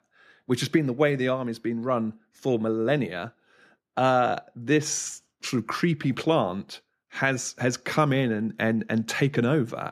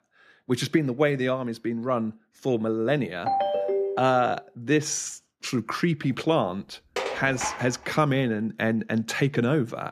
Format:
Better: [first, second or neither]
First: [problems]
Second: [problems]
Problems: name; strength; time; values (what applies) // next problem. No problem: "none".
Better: first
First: none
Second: phone ringing; loud; at 3.5 s; peak 1 dB above the speech // clattering dishes; noticeable; at 7 s; peak 5 dB below the speech